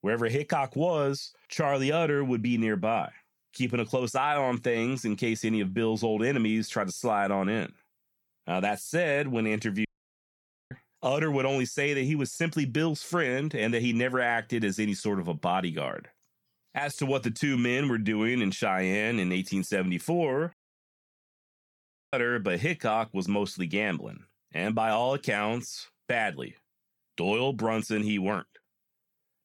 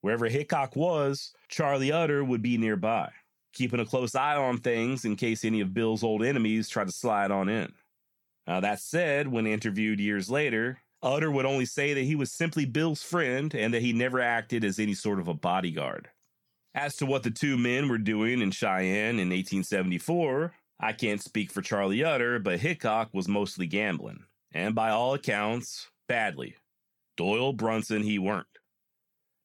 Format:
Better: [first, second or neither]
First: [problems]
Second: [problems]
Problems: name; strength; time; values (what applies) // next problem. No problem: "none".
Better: second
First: audio cutting out; at 10 s for 1 s and at 21 s for 1.5 s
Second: none